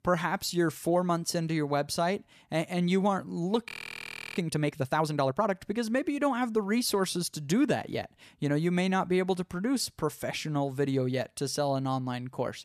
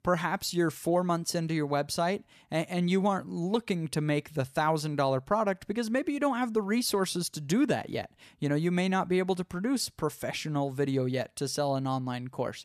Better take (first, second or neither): second